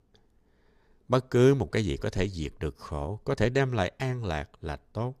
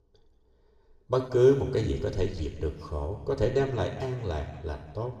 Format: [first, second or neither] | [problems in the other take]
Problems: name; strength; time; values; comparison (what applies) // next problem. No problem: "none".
first | room echo; noticeable; dies away in 1.4 s // off-mic speech; somewhat distant